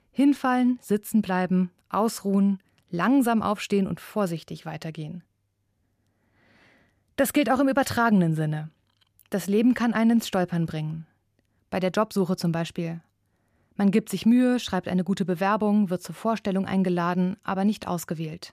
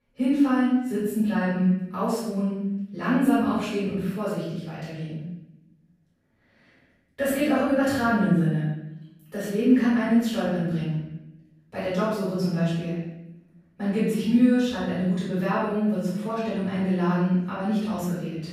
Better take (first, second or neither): first